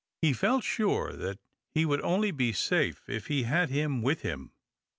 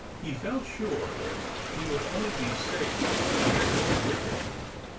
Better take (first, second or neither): first